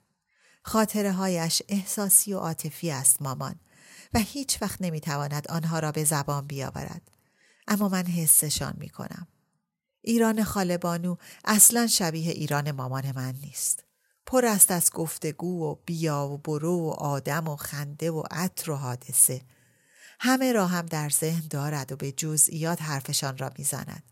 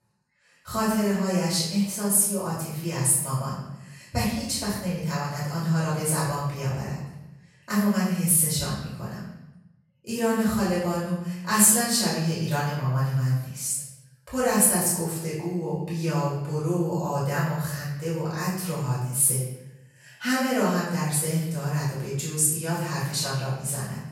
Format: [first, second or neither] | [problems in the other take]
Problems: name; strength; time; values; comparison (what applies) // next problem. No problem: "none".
first | off-mic speech; far // room echo; noticeable; dies away in 0.8 s